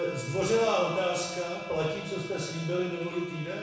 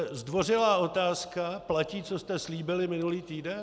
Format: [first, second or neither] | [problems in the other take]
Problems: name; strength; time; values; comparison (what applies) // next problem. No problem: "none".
second | background sound (Bowed string instrument); 12 dB below the speech // room echo; dies away in 1 s